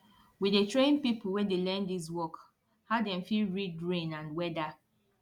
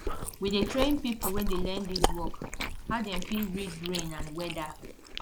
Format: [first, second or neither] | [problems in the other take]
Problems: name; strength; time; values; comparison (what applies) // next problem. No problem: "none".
first | noise reduction (neural mask model Resemble Enhance denoiser)